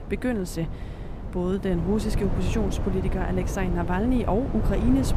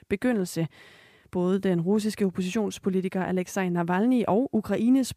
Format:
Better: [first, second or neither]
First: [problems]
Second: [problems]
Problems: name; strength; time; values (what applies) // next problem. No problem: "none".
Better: second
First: wind noise on the microphone; heavy; 8 dB below the speech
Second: none